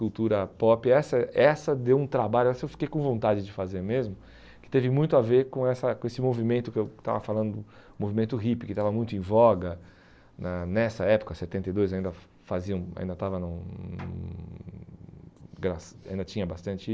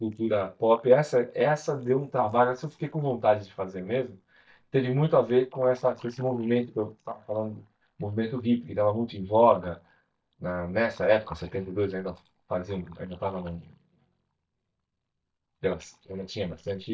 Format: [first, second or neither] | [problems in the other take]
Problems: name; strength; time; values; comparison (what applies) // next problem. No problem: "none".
first | noise reduction (neural mask model DeepFilterNet 3)